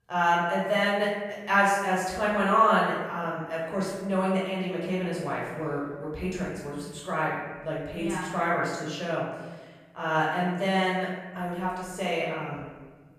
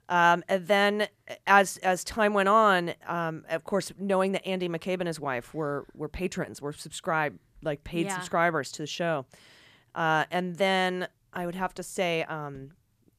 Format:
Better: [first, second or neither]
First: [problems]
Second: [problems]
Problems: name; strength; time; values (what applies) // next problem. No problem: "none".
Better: second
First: off-mic speech; far // room echo; noticeable; dies away in 1.1 s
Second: none